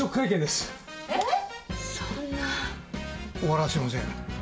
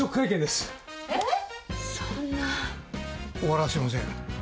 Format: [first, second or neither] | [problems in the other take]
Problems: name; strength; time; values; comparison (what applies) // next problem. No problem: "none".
second | room echo; dies away in 1.4 s